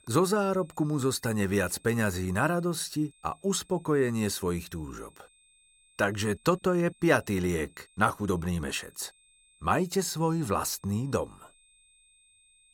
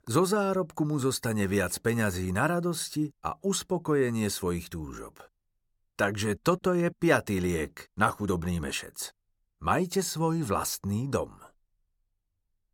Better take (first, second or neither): second